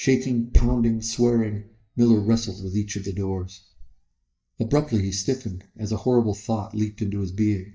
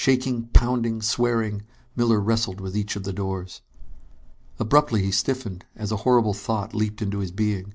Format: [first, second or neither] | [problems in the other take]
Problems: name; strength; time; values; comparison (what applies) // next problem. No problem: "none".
second | noise reduction (neural mask model DeepFilterNet 3)